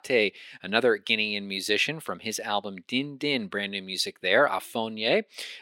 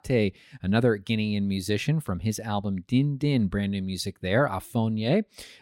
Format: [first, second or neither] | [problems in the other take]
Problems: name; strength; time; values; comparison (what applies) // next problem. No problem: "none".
second | thin; somewhat; fading below 400 Hz